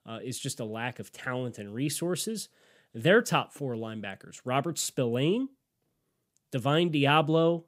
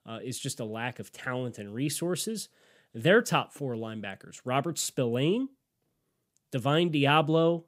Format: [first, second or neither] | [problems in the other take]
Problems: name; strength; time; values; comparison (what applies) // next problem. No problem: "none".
neither | none